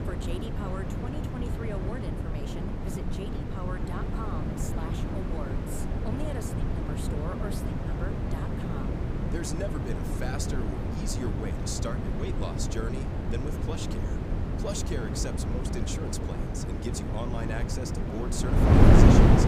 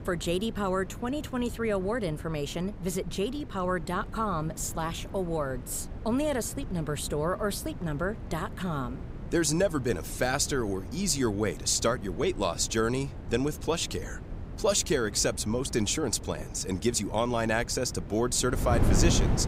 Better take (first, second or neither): second